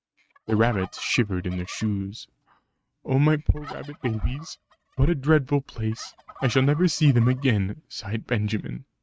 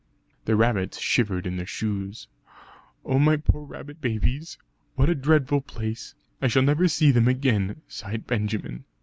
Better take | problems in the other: second | noise reduction (neural mask model RNNoise)

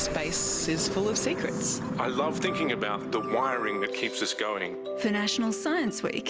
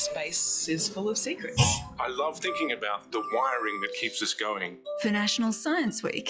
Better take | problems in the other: first | noise reduction (classical method log-MMSE)

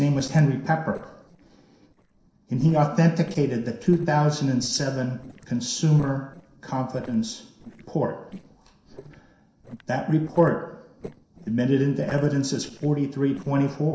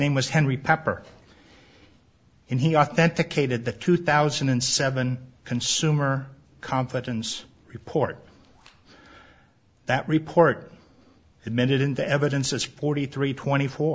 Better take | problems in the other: second | noise reduction (neural separator model SepFormer DNS4)

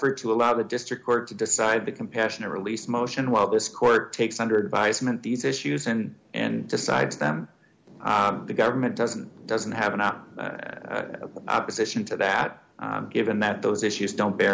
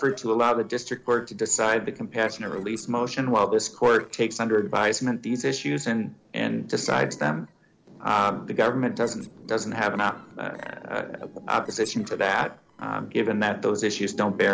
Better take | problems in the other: first | noise reduction (neural separator model SepFormer DNS4)

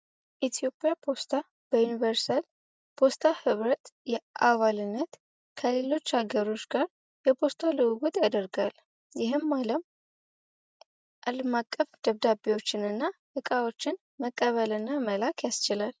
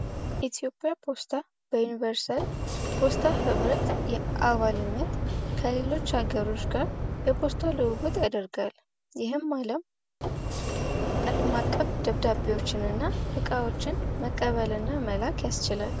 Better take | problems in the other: first | background sound (Sliding door); as loud as the speech

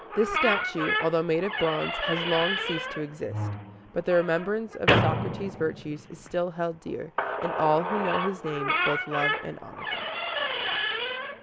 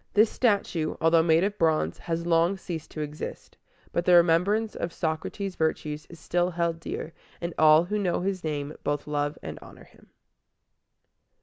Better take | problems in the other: second | background sound (Squeak / Slam); as loud as the speech

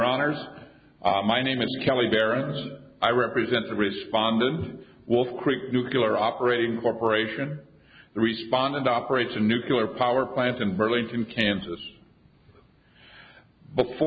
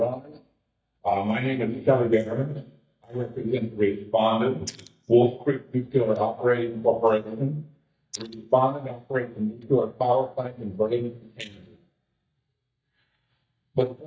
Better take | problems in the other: first | noise reduction (neural mask model DeepFilterNet 3)

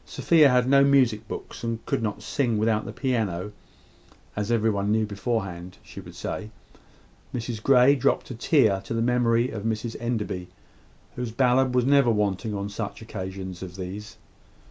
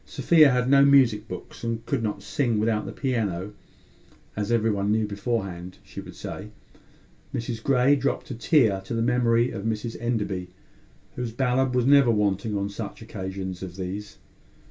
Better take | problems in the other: first | room echo; dies away in 0.1 s

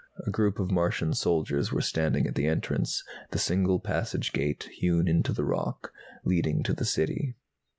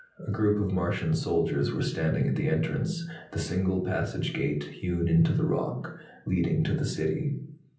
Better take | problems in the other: first | room echo; dies away in 0.6 s

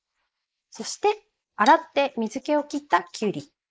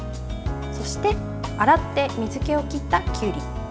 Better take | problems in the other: second | noise reduction (neural mask model Resemble Enhance denoiser)

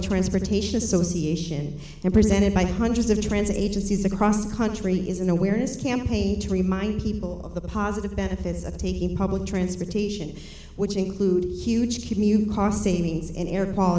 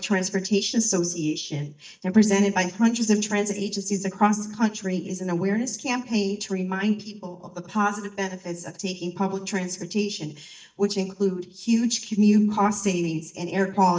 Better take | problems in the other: first | noise reduction (neural mask model DeepFilterNet 3)

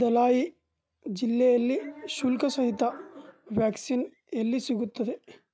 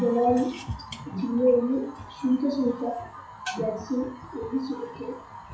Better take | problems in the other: first | noise reduction (classical method WPE with log-MMSE)

